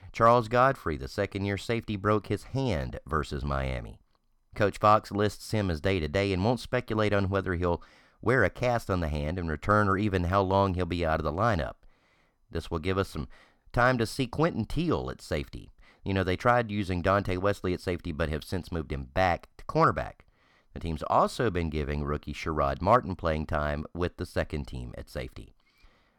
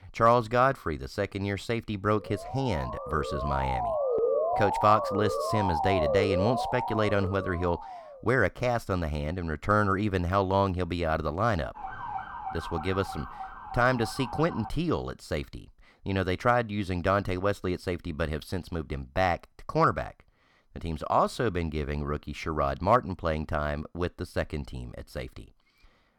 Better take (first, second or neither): first